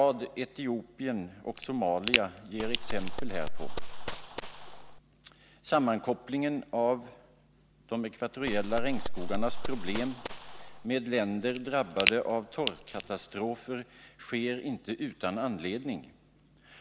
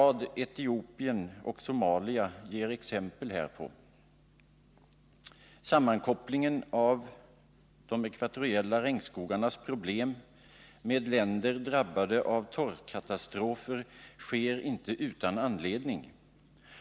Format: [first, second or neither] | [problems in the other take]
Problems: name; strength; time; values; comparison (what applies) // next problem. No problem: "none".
second | background sound (Crack + Gunshot, gunfire); 2 dB above the speech